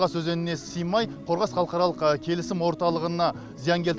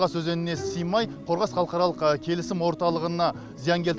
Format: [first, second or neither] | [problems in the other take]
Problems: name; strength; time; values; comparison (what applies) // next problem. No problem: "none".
first | background sound (Bowed string instrument); 17 dB below the speech